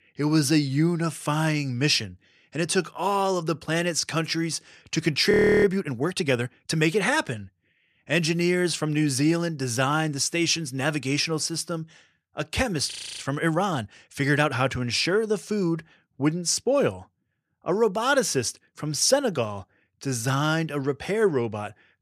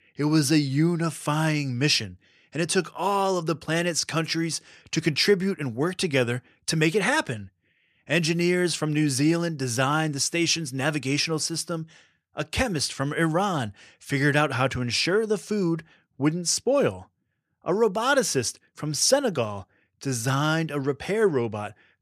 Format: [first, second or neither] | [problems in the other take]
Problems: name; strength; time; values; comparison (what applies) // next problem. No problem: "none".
second | audio freezing; at 5.5 s and at 13 s